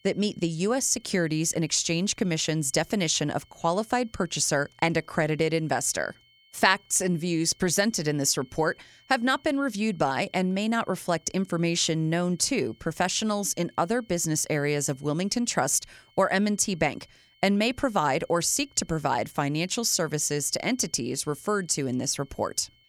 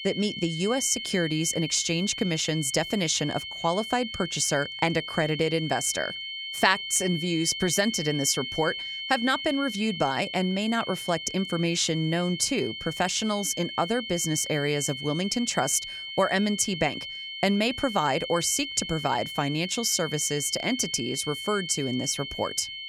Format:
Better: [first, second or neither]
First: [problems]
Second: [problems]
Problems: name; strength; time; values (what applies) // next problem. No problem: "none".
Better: first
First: high-pitched whine; faint; throughout; 3 kHz, 35 dB below the speech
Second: high-pitched whine; loud; throughout; 3 kHz, 7 dB below the speech